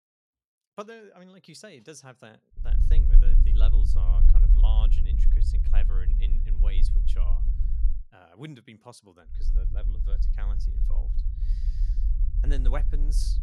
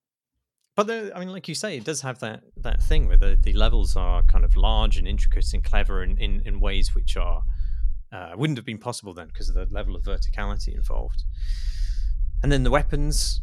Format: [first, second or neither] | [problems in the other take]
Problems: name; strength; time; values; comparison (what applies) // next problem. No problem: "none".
second | low rumble; loud; from 2.5 to 8 s and from 9.5 s on; 5 dB below the speech; faint in the second